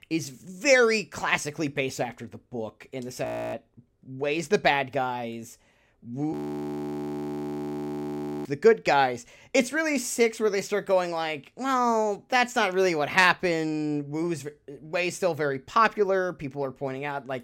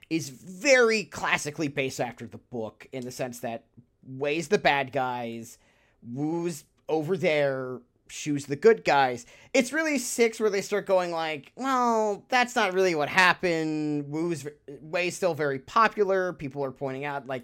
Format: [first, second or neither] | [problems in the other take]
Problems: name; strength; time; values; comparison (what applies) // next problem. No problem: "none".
second | audio freezing; at 3.5 s and at 6.5 s for 2 s